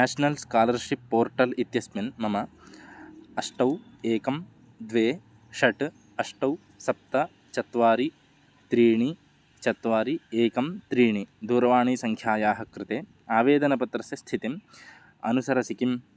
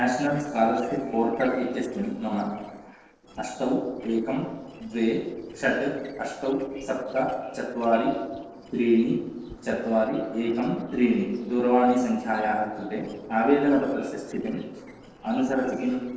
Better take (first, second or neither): first